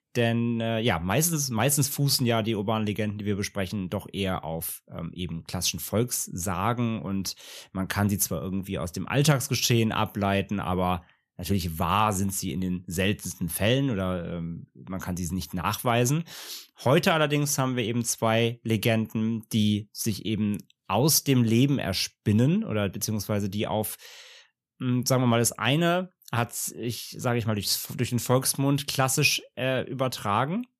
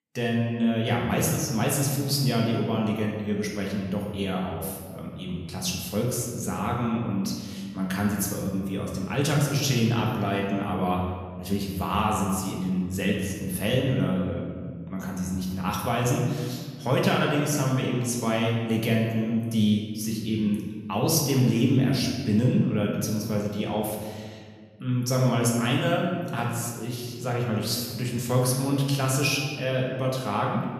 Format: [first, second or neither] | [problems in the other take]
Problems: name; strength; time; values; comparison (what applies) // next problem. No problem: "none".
first | room echo; noticeable; dies away in 1.5 s // off-mic speech; far